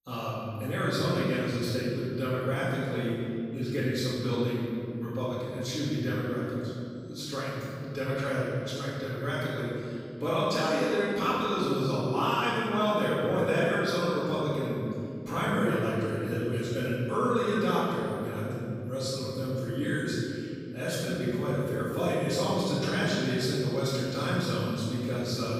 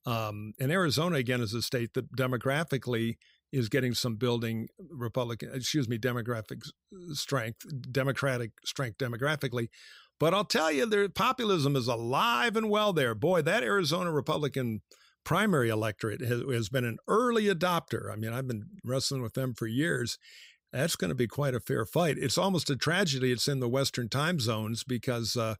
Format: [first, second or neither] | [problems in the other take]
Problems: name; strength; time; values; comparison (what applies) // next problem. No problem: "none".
second | off-mic speech; far // room echo; strong; dies away in 2.6 s